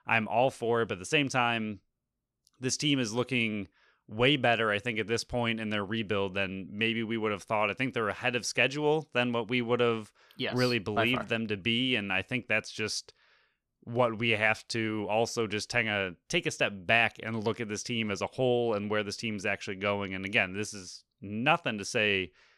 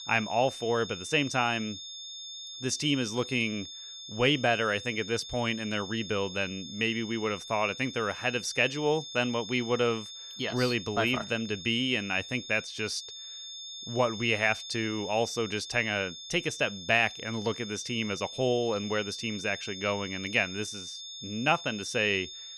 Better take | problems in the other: first | high-pitched whine; noticeable; throughout; 3.5 kHz, 10 dB below the speech

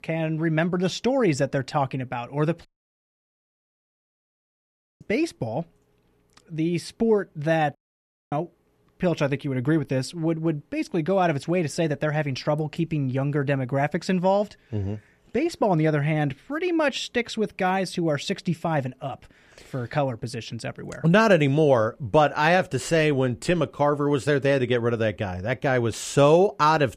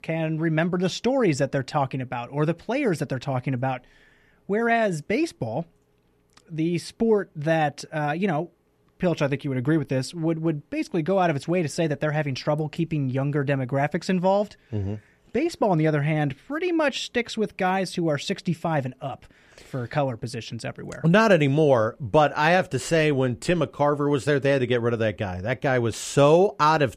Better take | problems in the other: second | audio cutting out; at 2.5 s for 2.5 s and at 8 s for 0.5 s

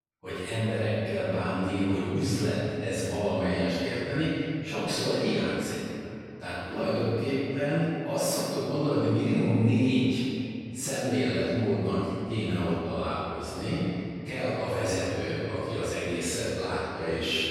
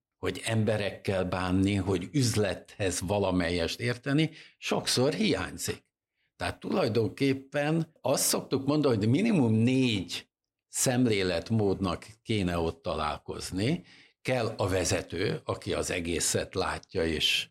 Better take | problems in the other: second | off-mic speech; far // room echo; strong; dies away in 2.6 s

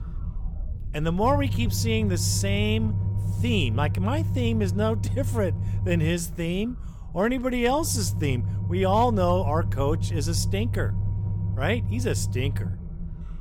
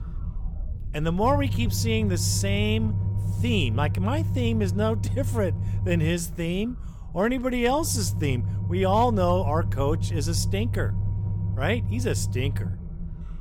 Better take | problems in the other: neither | low rumble; noticeable; throughout; 15 dB below the speech; the same in both

